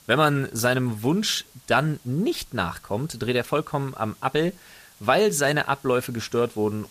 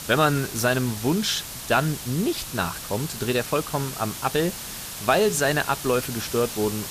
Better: first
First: hiss; faint; throughout; 25 dB below the speech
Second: hiss; loud; throughout; 8 dB below the speech

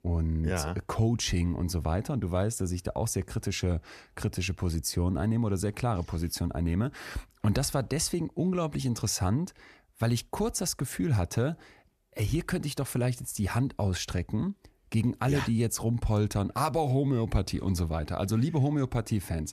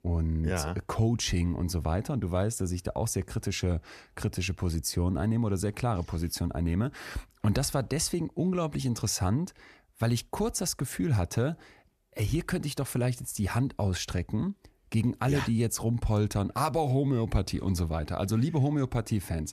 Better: neither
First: none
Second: none

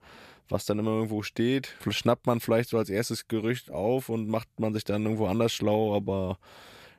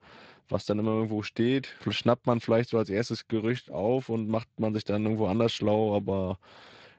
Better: first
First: none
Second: garbled, watery; slightly; nothing above 7.5 kHz

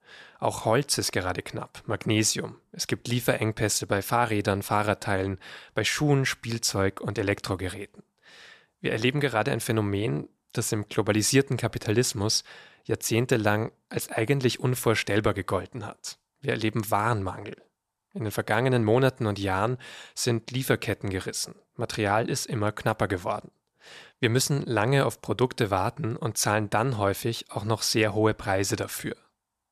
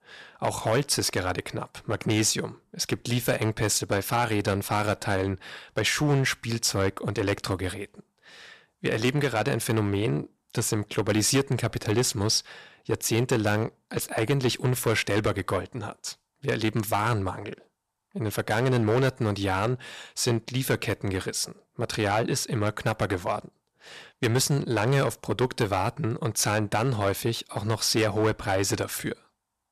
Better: first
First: none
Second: distortion; slight; 5% of the sound clipped

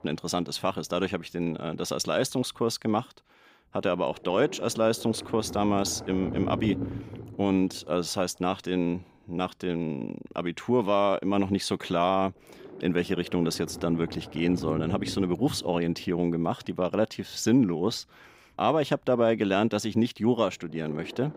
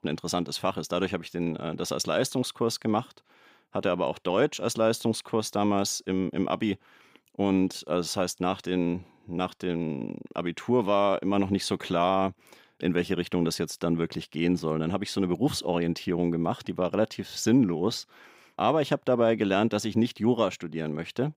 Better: second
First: low rumble; noticeable; throughout; 15 dB below the speech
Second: none

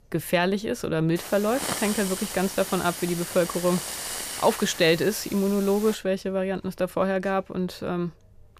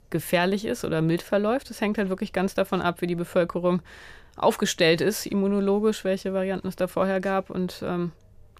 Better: second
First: hiss; loud; from 1 to 6 s; 7 dB below the speech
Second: none

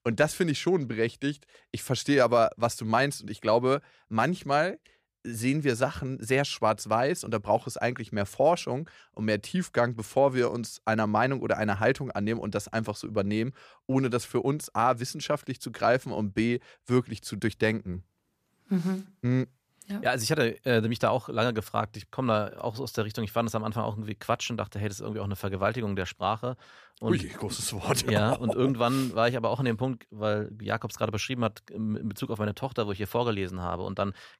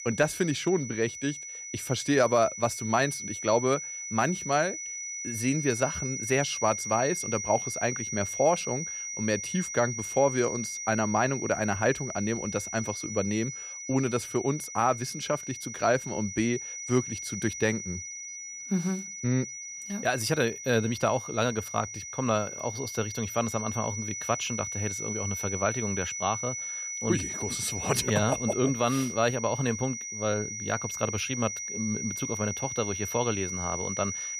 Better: first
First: none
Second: high-pitched whine; loud; throughout; 6 kHz, 5 dB below the speech

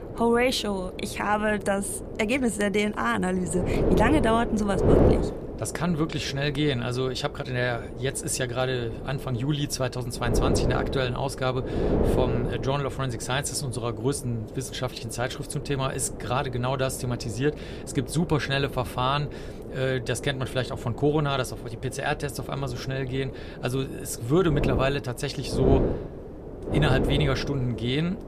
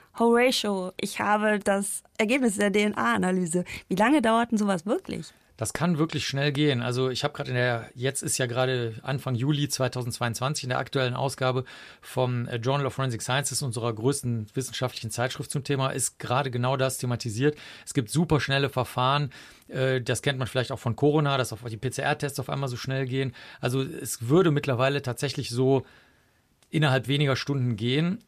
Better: second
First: wind noise on the microphone; heavy; 6 dB below the speech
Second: none

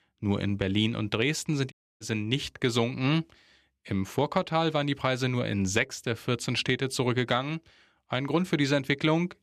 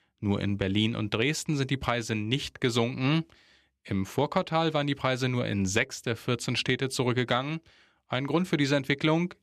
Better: second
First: audio cutting out; at 1.5 s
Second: none

